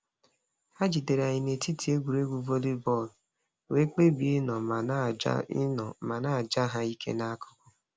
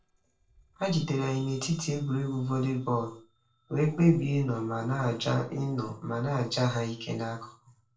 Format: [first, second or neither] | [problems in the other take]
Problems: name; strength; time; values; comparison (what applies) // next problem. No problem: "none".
first | noise reduction (neural separator model SepFormer DNS4)